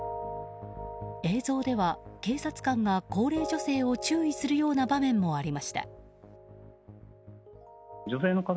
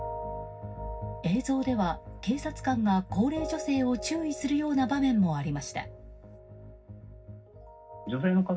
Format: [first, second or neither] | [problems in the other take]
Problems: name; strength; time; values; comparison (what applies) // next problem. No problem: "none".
first | room echo; dies away in 0.4 s